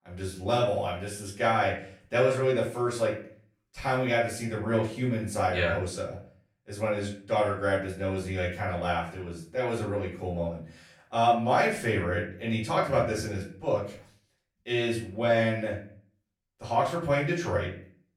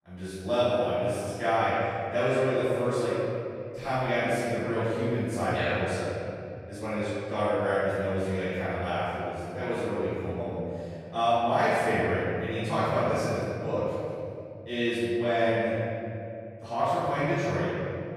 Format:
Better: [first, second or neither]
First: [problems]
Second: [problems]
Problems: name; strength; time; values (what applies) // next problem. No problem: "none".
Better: first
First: room echo; slight; dies away in 0.4 s // off-mic speech; far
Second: room echo; strong; dies away in 2.7 s // off-mic speech; far